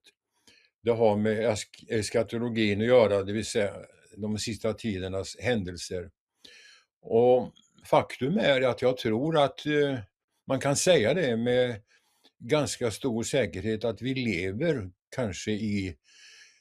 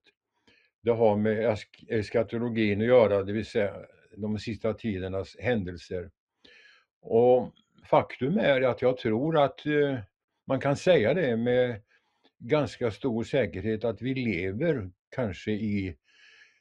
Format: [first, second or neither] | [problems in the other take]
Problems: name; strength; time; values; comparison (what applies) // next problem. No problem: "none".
first | muffled; slightly; fading above 3 kHz